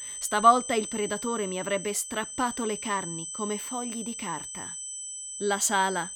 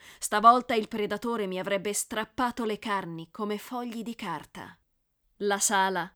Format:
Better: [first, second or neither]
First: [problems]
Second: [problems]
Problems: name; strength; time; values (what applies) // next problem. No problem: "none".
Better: second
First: high-pitched whine; loud; throughout; 8 kHz, 7 dB below the speech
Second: none